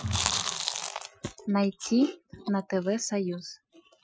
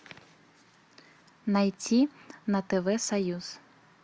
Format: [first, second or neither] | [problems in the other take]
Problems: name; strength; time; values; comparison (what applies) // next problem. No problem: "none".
second | noise reduction (classical method Wiener filter)